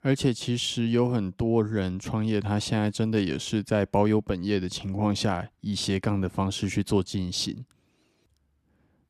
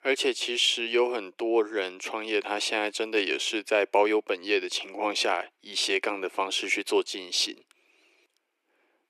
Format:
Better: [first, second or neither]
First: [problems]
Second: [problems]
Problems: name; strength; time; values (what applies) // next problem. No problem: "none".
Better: first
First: none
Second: thin; very; fading below 350 Hz